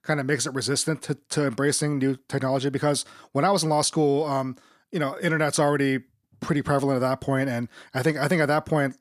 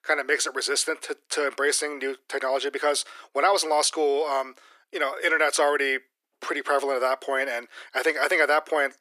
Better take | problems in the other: first | thin; very; fading below 350 Hz

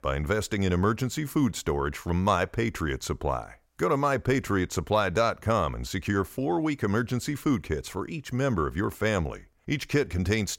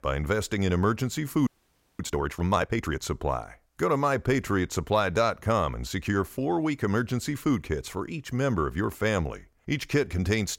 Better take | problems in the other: first | audio freezing; at 1.5 s for 0.5 s

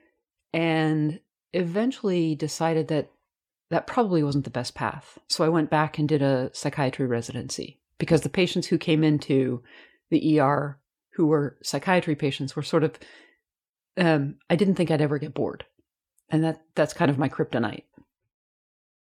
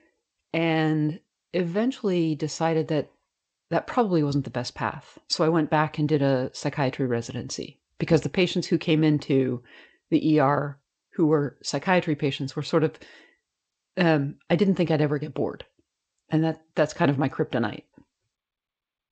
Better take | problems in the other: first | garbled, watery; slightly; nothing above 8 kHz

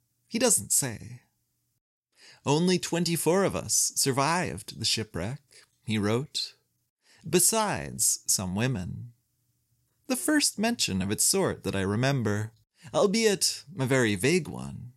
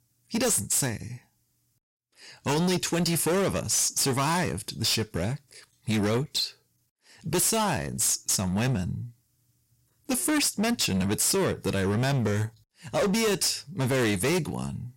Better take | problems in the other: first | distortion; heavy; 17% of the sound clipped

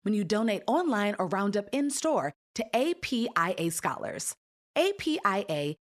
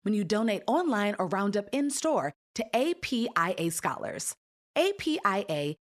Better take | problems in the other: neither | none

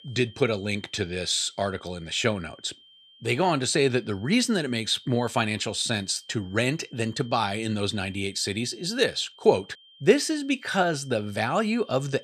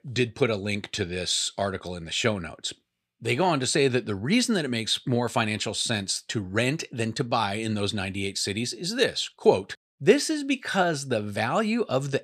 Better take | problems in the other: second | high-pitched whine; faint; throughout; 3 kHz, 25 dB below the speech

